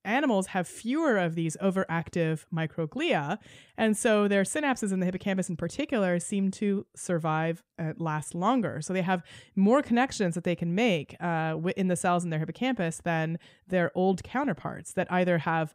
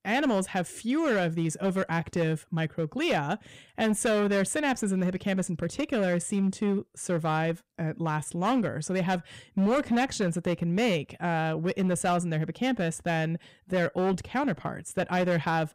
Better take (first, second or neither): first